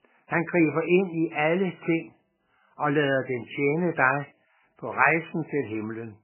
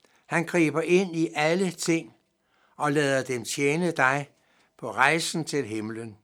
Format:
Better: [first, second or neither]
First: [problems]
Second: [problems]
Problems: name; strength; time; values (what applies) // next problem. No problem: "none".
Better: second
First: garbled, watery; badly; nothing above 3 kHz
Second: none